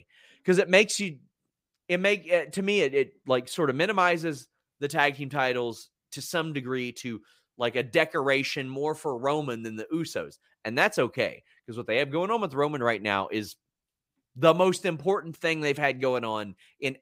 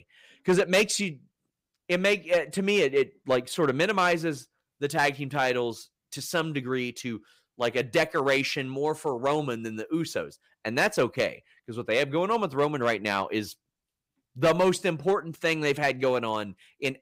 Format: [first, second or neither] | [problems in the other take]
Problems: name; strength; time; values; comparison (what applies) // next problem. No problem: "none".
first | distortion; slight; 2% of the sound clipped